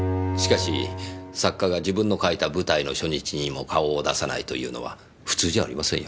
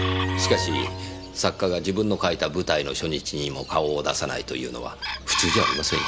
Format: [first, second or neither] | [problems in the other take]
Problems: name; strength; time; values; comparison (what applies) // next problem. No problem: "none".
first | background sound (Chicken, rooster); 7 dB below the speech